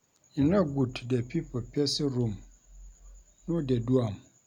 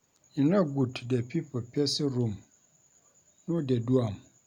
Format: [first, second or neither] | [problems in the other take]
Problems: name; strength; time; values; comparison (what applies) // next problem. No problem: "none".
second | background sound (Bowed string instrument); 17 dB below the speech